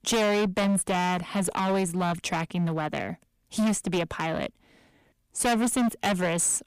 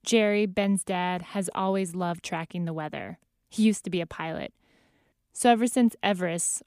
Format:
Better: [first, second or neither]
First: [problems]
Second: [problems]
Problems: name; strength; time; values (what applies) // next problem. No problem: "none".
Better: second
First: distortion; heavy; 17% of the sound clipped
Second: none